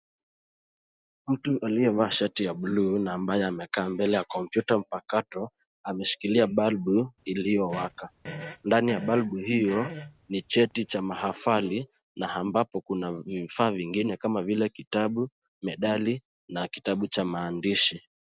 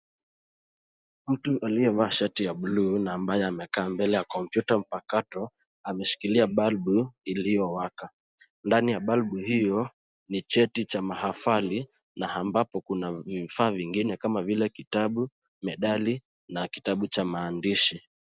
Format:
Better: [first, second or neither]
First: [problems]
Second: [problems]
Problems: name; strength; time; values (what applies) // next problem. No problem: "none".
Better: second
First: background sound (Fart); 14 dB below the speech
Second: none